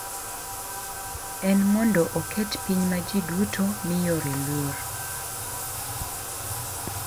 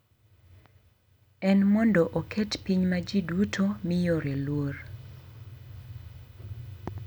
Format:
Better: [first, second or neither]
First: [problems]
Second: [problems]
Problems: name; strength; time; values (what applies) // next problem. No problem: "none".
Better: second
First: background sound (Bathtub (filling or washing)); 6 dB below the speech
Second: none